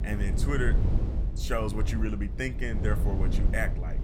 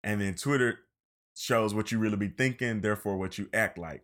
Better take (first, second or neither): second